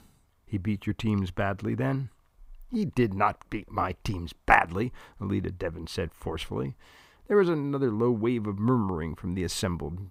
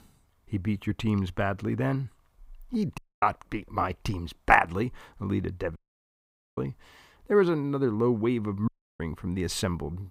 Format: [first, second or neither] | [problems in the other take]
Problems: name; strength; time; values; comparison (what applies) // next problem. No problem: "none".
first | audio cutting out; at 3 s, at 6 s for 1 s and at 8.5 s